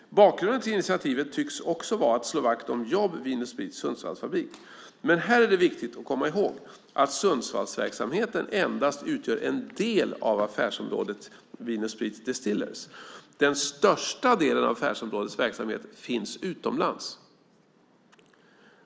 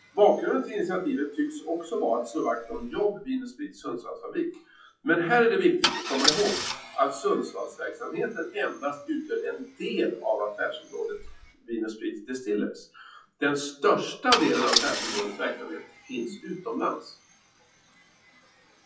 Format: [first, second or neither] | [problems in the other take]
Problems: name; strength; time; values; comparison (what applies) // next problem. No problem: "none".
first | noise reduction (classical method WPE with log-MMSE)